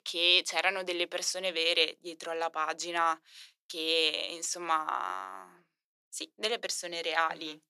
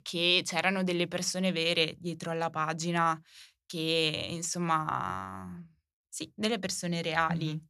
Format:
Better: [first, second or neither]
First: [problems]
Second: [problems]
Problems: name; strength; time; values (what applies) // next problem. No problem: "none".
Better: second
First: thin; very; fading below 350 Hz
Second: none